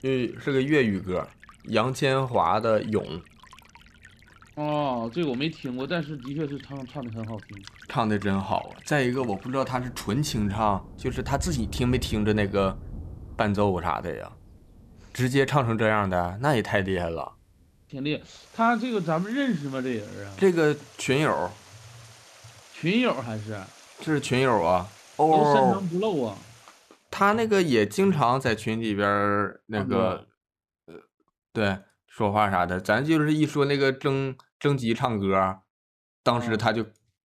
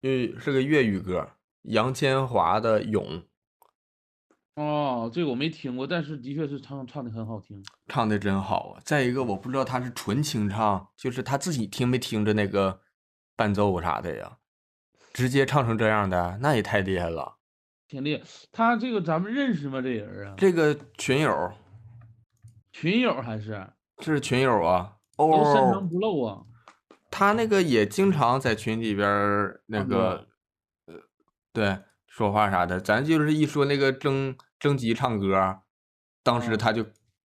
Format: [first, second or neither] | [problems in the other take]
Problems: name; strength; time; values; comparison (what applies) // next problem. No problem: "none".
second | rain or running water; noticeable; until 27 s; 20 dB below the speech